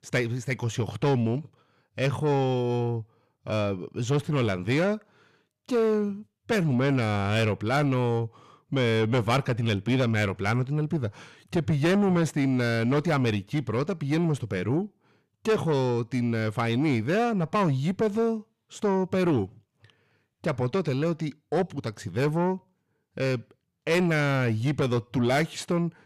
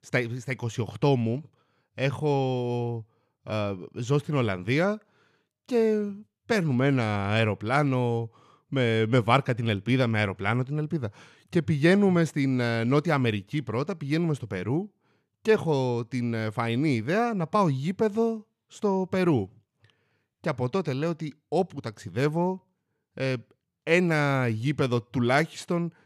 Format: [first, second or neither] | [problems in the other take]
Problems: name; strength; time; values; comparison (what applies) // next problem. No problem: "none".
second | distortion; slight; 10 dB below the speech